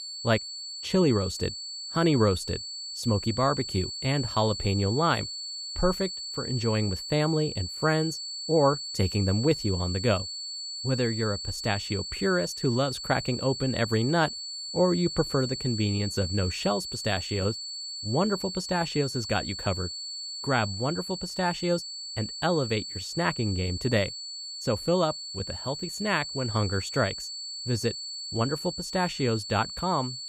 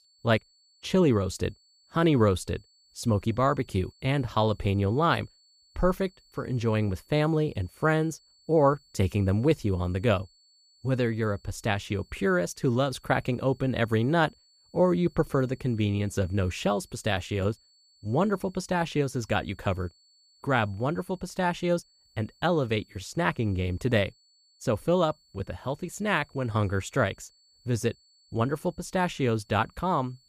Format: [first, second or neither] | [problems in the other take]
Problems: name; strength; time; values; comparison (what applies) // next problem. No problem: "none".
second | high-pitched whine; loud; throughout; 4.5 kHz, 6 dB below the speech; faint in the second